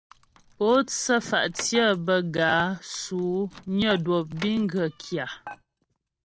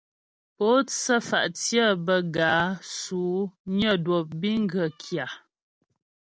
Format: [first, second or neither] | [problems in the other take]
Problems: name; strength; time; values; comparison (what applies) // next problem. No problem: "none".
second | background sound (Door / Car + Dishes, pots, and pans); 20 dB below the speech